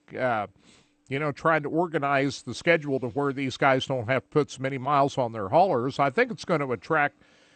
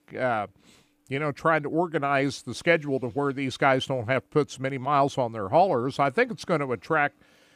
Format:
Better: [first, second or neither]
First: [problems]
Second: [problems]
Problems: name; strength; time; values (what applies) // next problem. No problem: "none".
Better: second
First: garbled, watery; slightly; nothing above 8.5 kHz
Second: none